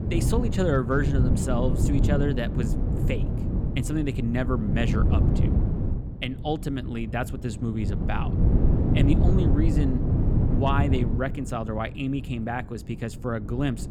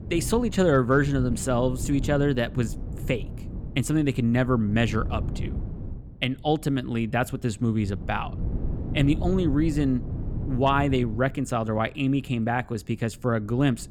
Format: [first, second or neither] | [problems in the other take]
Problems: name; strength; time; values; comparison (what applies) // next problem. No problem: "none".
second | wind noise on the microphone; heavy; 4 dB below the speech; occasional gusts in the second